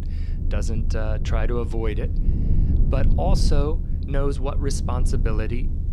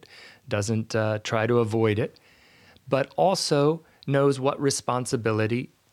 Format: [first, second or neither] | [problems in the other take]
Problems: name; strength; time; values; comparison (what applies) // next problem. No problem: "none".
second | low rumble; loud; throughout; 9 dB below the speech